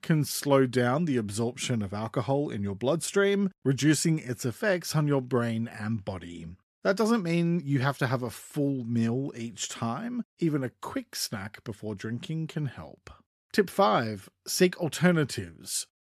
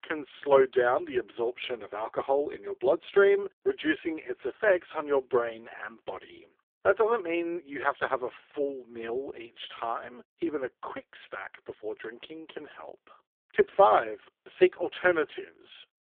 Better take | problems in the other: first | phone-call audio; poor line

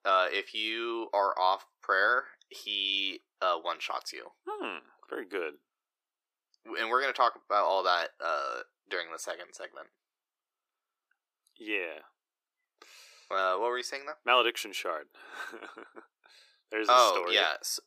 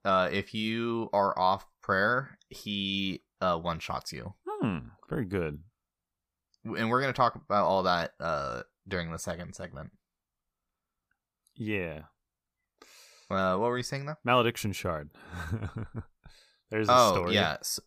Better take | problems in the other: second | thin; very; fading below 350 Hz

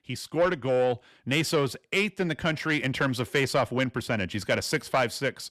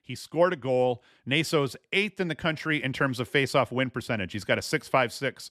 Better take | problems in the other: second | distortion; slight; 10 dB below the speech

